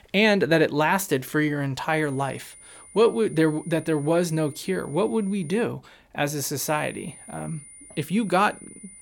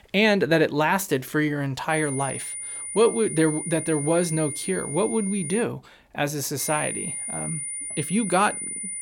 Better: first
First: high-pitched whine; faint; from 2 to 5.5 s and from 6.5 s on; 9.5 kHz, 20 dB below the speech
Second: high-pitched whine; loud; from 2 to 5.5 s and from 6.5 s on; 9.5 kHz, 6 dB below the speech

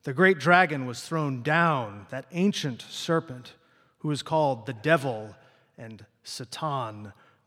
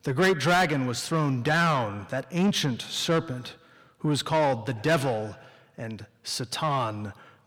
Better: first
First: none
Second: distortion; heavy; 6 dB below the speech

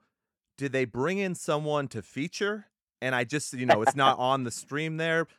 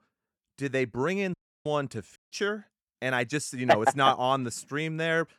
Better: first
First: none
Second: audio cutting out; at 1.5 s and at 2 s

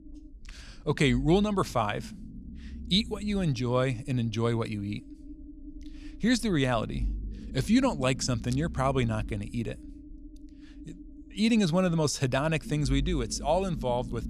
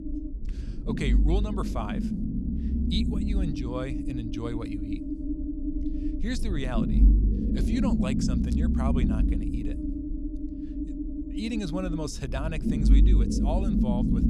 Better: first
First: low rumble; faint; throughout; 20 dB below the speech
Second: low rumble; loud; throughout; as loud as the speech

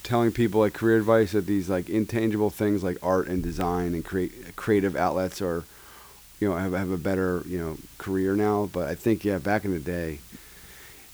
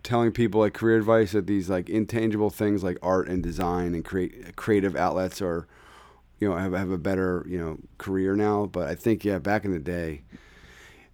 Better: second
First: hiss; faint; throughout; 20 dB below the speech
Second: none

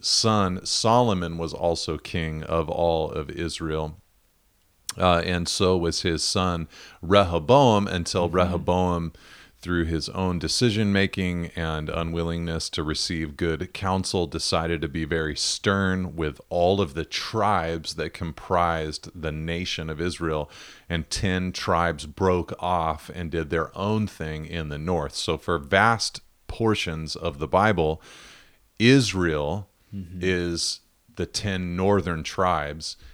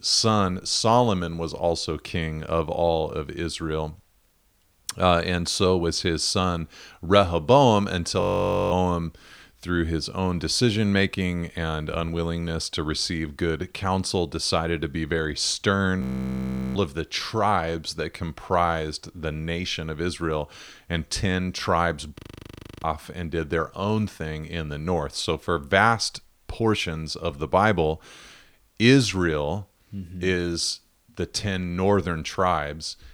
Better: first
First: none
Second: audio freezing; at 8 s for 0.5 s, at 16 s for 1 s and at 22 s for 0.5 s

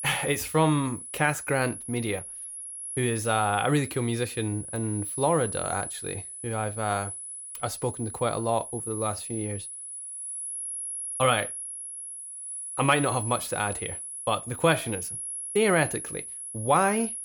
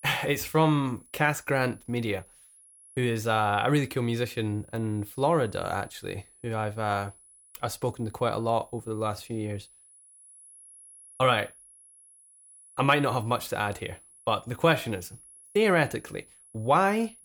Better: second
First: high-pitched whine; loud; throughout; 10.5 kHz, 7 dB below the speech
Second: high-pitched whine; faint; throughout; 10.5 kHz, 25 dB below the speech

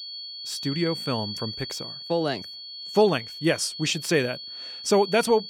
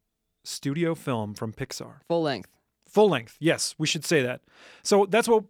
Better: second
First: high-pitched whine; loud; throughout; 4.5 kHz, 9 dB below the speech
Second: none

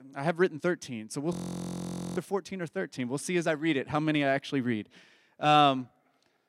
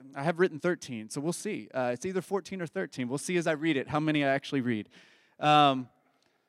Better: second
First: audio freezing; at 1.5 s for 1 s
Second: none

